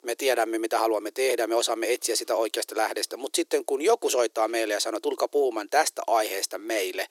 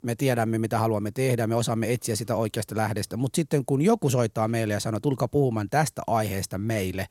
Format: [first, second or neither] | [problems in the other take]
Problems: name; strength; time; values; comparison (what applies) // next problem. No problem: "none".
second | thin; very; fading below 350 Hz